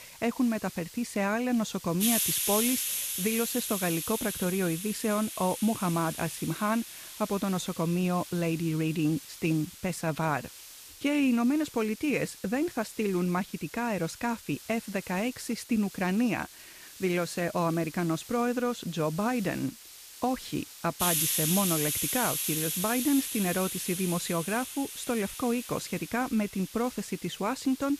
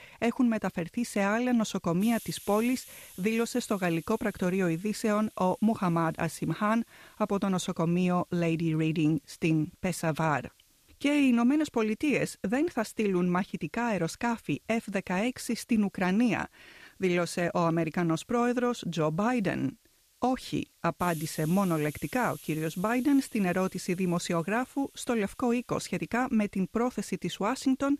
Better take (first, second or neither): second